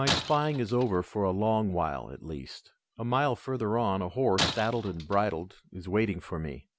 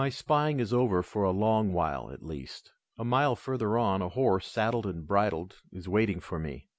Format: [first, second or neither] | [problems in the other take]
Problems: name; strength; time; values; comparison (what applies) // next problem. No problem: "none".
second | background sound (Shatter); 8 dB below the speech